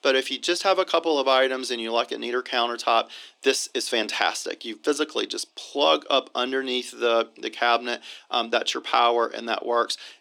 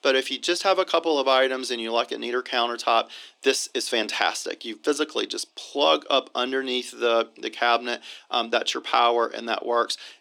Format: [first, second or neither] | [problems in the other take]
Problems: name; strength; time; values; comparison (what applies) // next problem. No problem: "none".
neither | thin; somewhat; fading below 300 Hz; the same in both